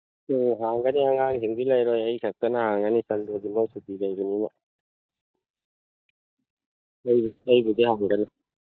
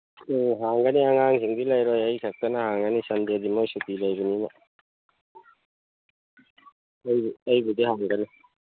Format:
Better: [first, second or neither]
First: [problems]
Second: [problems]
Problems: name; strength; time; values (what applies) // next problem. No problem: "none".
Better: second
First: noise reduction (neural mask model DeepFilterNet 3)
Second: none